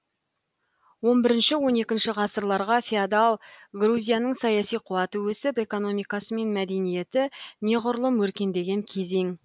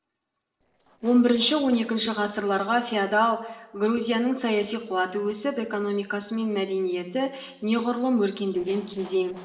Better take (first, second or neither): first